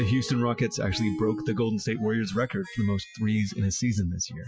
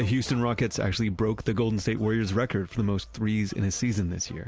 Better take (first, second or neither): second